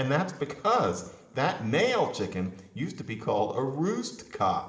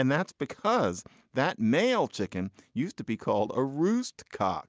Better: second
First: room echo; dies away in 1.2 s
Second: none

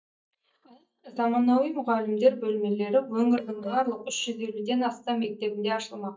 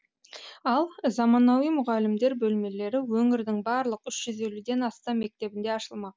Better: second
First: noise reduction (neural mask model DeepFilterNet 3)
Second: none

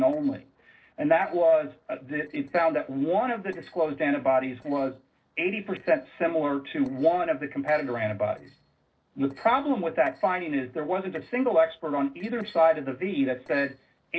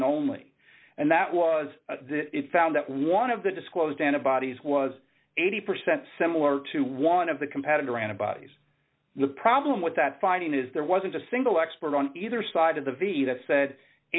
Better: second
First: noise reduction (neural separator model SepFormer DNS4)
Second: none

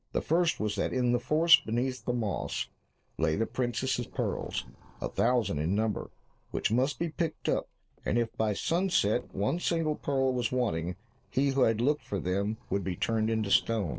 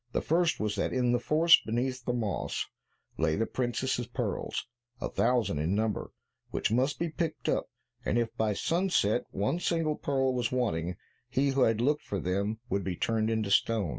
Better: second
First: noise reduction (neural separator model SepFormer DNS4)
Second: none

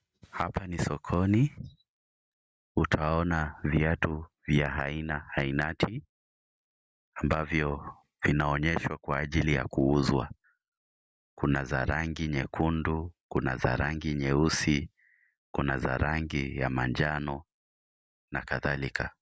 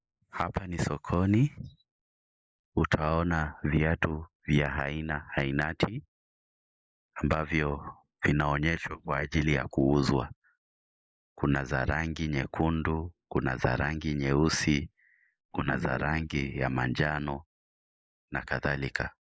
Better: first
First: none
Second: noise reduction (neural mask model Resemble Enhance denoiser)

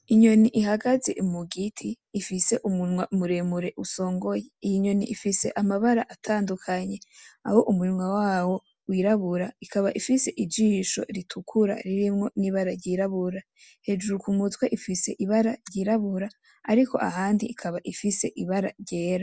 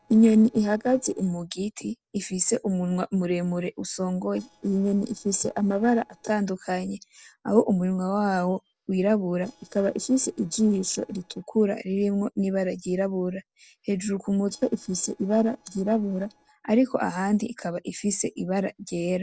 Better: first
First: none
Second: noise reduction (neural separator model SepFormer DNS4)

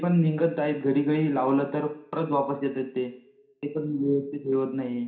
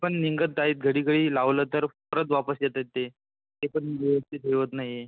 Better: second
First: room echo; dies away in 0.5 s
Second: none

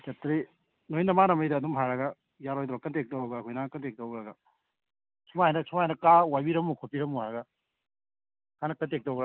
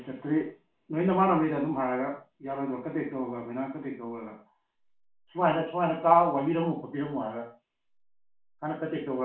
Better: first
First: none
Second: room echo; dies away in 0.3 s

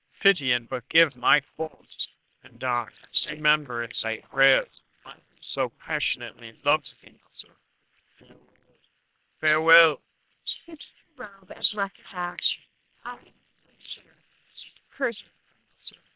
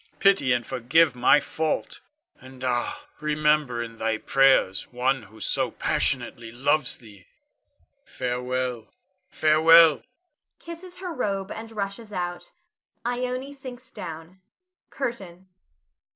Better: second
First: noise reduction (neural separator model SepFormer WHAM!)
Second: none

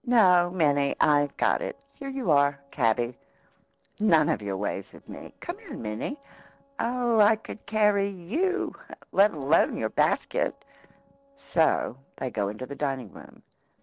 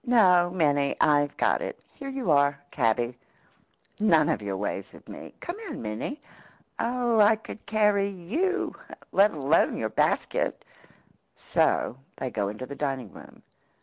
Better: second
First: noise reduction (neural separator model SepFormer DNS4)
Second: none

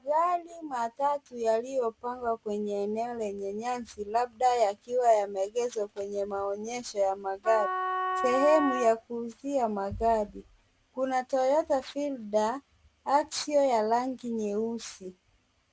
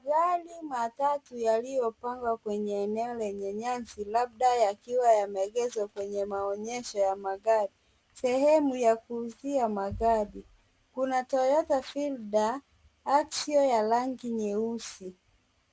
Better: second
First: background sound (Wind instrument, woodwind instrument); 3 dB below the speech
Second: none

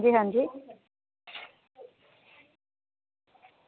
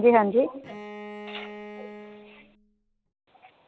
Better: first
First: none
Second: background sound (Bowed string instrument); 15 dB below the speech

